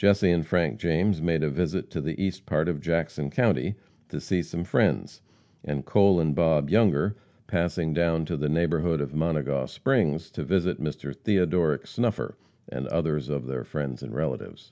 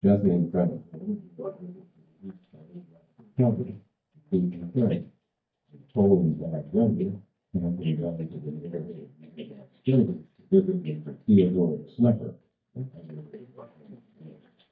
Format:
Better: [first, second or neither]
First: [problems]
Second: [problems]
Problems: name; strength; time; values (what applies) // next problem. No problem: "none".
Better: first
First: none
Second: noise reduction (neural mask model DeepFilterNet 3)